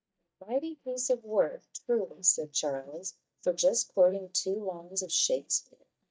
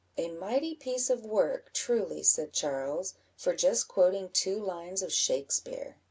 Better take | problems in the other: second | noise reduction (neural mask model DeepFilterNet 3)

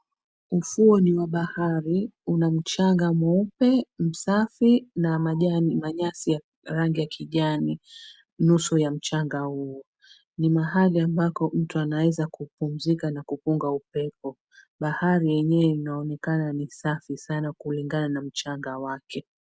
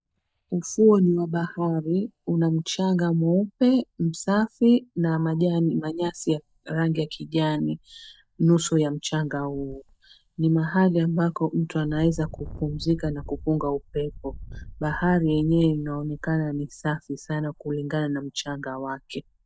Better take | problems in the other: first | noise reduction (neural mask model DeepFilterNet 3)

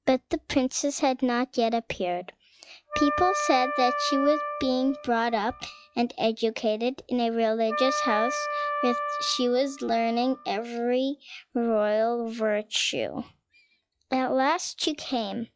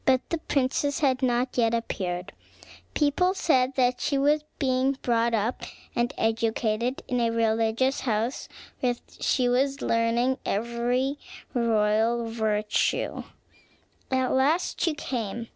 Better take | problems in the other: second | noise reduction (classical method log-MMSE)

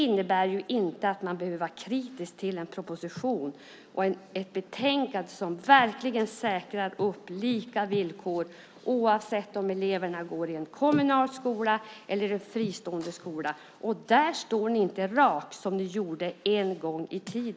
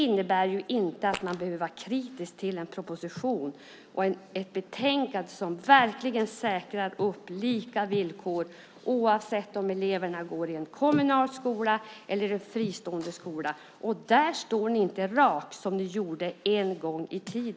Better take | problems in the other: first | background sound (Fart); 10 dB below the speech

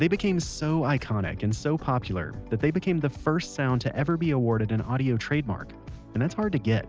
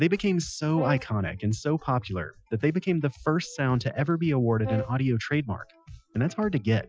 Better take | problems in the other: first | noise reduction (classical method Wiener filter)

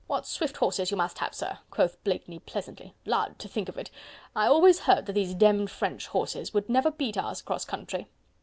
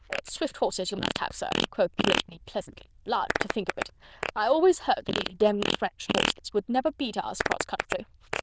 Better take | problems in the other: first | noise reduction (neural diffusion model UNIVERSE++)

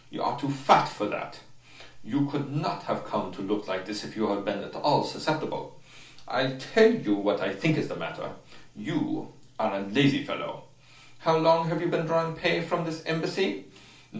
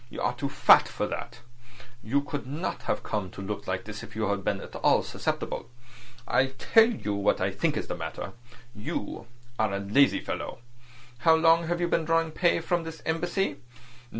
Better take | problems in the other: second | room echo; dies away in 0.4 s

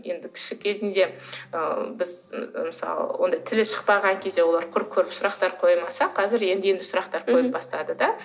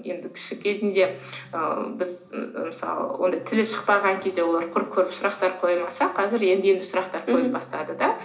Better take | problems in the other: first | room echo; dies away in 0.4 s

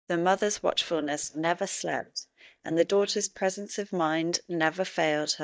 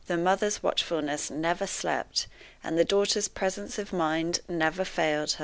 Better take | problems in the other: second | noise reduction (neural mask model DeepFilterNet 3)

